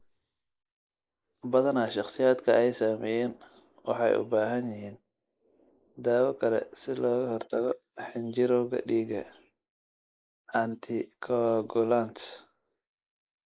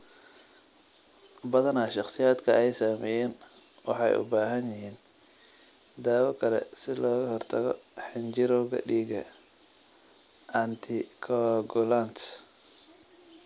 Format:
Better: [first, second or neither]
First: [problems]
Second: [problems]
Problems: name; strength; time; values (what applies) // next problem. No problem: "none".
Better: second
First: noise reduction (neural mask model Resemble Enhance denoiser)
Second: none